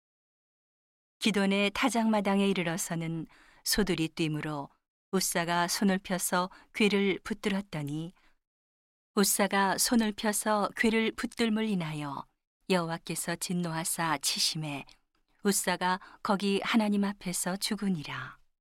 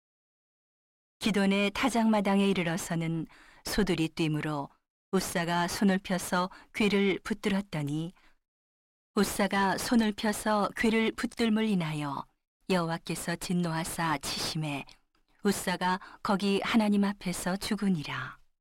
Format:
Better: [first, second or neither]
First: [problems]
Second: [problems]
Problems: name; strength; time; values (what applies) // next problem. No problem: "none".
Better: first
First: none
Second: distortion; slight; 9 dB below the speech